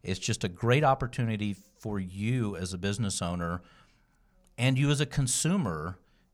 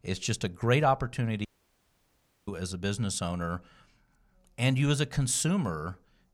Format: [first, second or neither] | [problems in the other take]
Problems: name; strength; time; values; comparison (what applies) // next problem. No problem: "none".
first | audio cutting out; at 1.5 s for 1 s